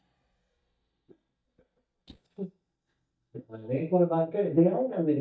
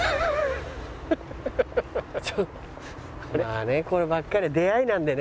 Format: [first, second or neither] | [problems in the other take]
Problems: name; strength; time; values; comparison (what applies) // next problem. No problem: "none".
second | noise reduction (neural mask model DeepFilterNet 3)